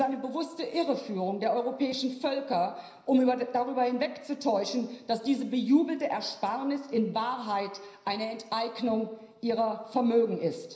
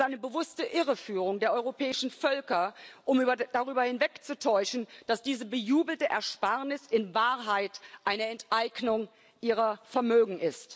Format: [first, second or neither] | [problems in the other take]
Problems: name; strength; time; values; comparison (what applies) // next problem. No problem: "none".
second | room echo; dies away in 0.9 s